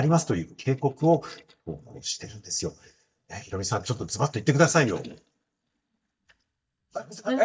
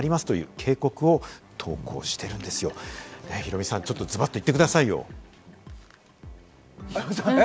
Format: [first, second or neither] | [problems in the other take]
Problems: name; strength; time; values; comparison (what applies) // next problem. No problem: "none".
second | noise reduction (neural mask model DeepFilterNet 3)